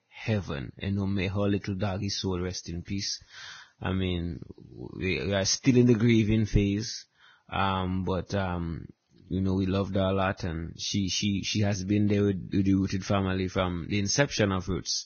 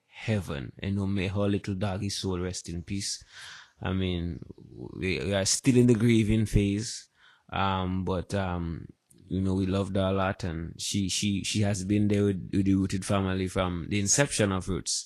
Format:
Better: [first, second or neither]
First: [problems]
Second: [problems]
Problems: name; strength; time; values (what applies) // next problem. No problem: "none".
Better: second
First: garbled, watery; badly; nothing above 6.5 kHz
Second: garbled, watery; slightly; nothing above 10.5 kHz